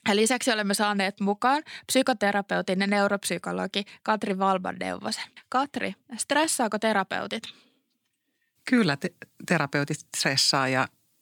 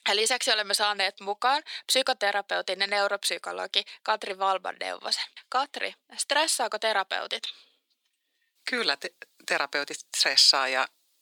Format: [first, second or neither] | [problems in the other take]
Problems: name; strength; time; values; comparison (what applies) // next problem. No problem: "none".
first | thin; very; fading below 450 Hz